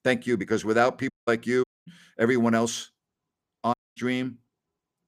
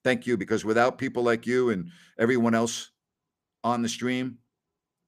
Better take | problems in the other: second | audio cutting out; at 1 s, at 1.5 s and at 3.5 s

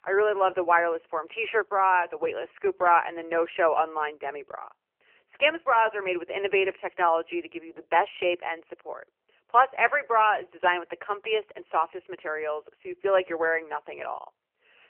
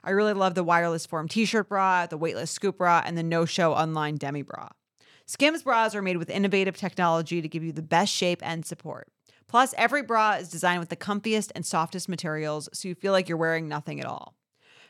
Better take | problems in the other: second | phone-call audio; poor line; nothing above 3 kHz

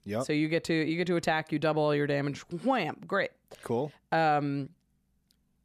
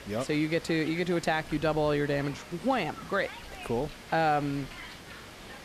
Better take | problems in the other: first | hiss; noticeable; throughout; 15 dB below the speech

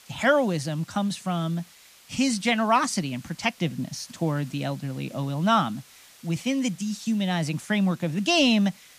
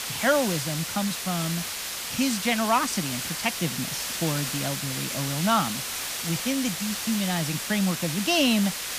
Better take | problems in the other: first | hiss; loud; throughout; 3 dB below the speech; faint in the first

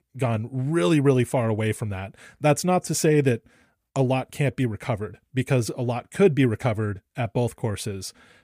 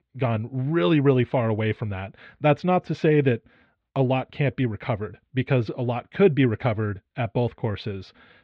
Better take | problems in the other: first | muffled; very; fading above 4 kHz

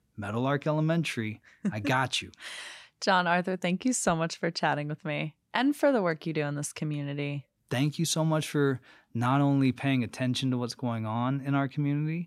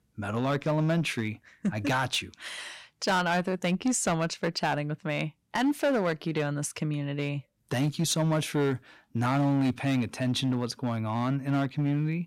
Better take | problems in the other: first | distortion; slight; 7% of the sound clipped

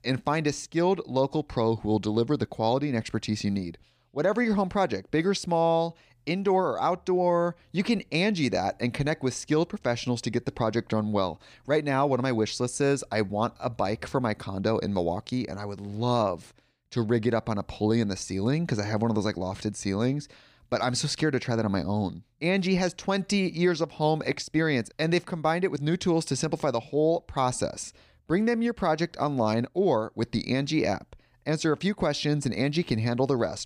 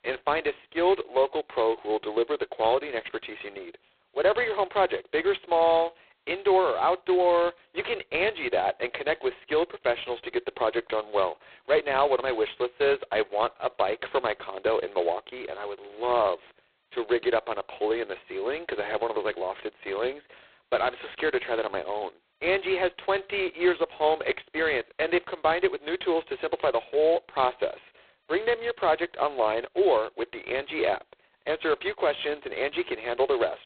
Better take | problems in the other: first | phone-call audio; poor line; nothing above 4 kHz

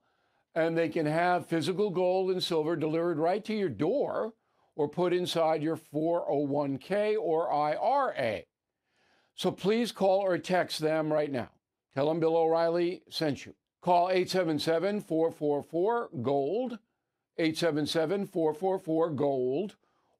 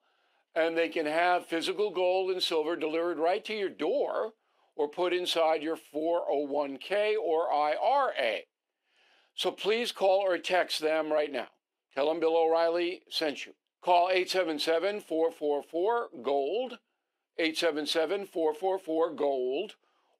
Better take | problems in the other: first | thin; somewhat; fading below 350 Hz

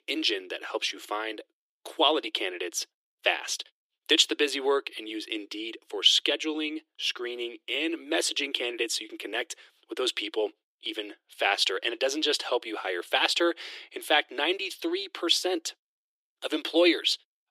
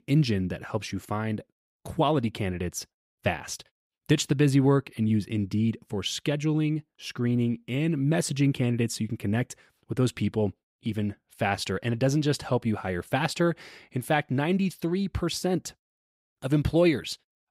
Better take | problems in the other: second | thin; very; fading below 300 Hz

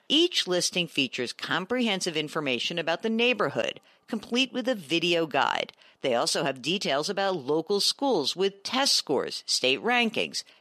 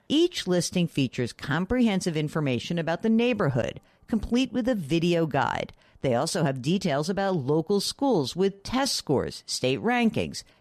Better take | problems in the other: second | thin; very slightly; fading below 300 Hz

